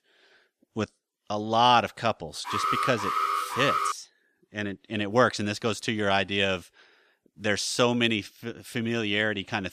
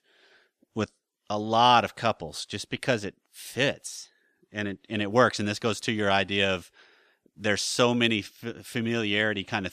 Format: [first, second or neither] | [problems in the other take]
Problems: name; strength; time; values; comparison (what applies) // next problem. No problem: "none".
second | alarm; loud; from 2.5 to 4 s; peak level with the speech